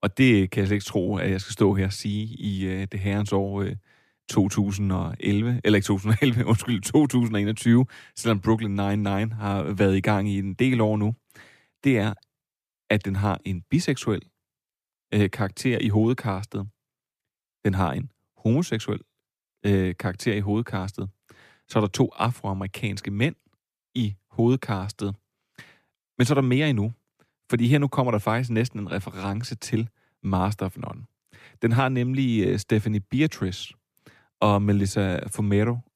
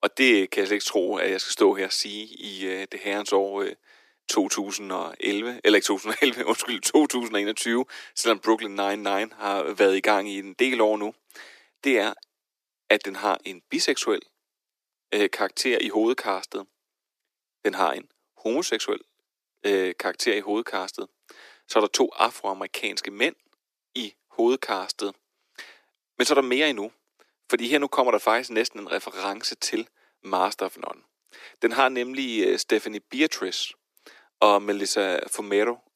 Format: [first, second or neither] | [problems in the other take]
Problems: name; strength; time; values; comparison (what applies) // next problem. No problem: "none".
first | thin; very; fading below 350 Hz